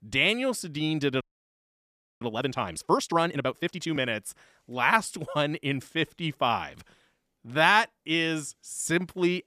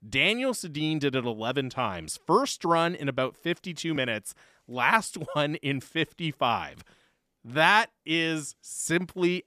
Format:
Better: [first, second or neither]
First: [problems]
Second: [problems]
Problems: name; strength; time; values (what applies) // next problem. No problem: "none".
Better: second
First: audio freezing; at 1 s for 1 s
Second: none